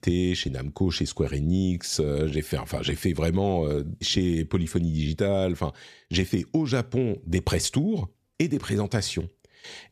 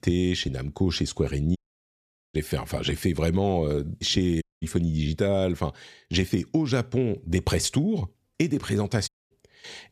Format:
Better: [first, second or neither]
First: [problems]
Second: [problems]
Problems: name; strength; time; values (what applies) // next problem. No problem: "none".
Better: first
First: none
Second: audio cutting out; at 1.5 s for 1 s, at 4.5 s and at 9 s